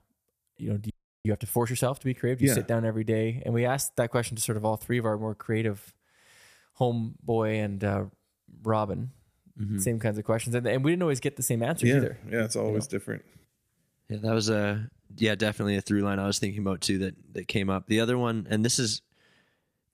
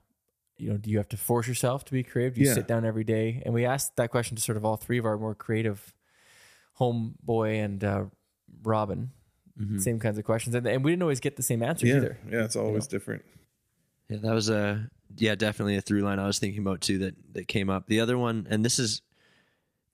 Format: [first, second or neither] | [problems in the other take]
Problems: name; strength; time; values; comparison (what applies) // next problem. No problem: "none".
second | audio freezing; at 1 s